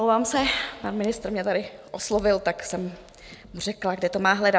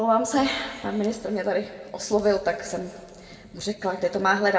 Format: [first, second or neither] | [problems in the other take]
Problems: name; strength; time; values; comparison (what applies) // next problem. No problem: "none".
first | room echo; dies away in 1.7 s